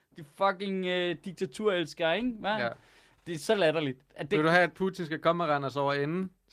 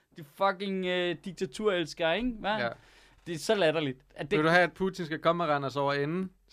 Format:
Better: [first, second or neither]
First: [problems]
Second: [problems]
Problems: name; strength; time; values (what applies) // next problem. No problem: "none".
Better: second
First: garbled, watery; slightly; nothing above 14.5 kHz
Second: none